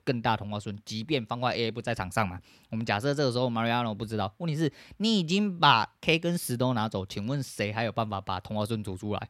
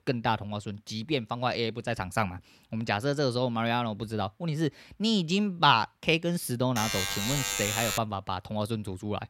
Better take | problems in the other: first | alarm; loud; from 7 to 8 s; peak 1 dB above the speech

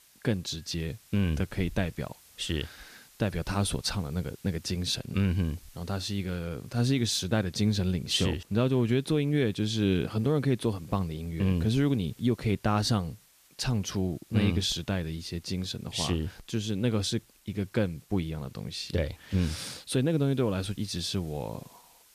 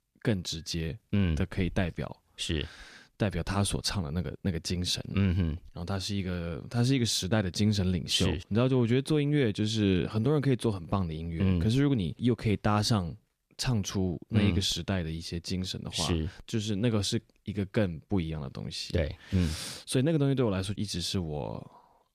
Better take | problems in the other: second | hiss; faint; throughout; 25 dB below the speech

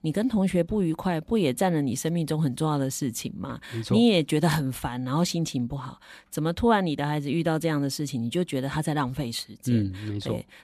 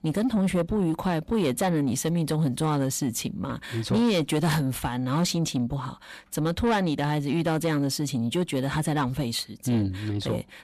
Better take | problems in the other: first | distortion; slight; 10 dB below the speech

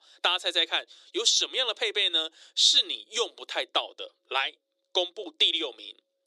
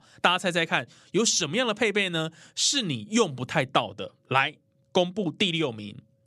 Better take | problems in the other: second | thin; very; fading below 350 Hz

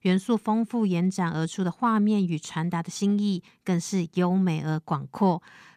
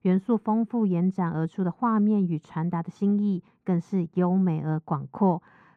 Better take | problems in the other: first | muffled; very; fading above 2.5 kHz

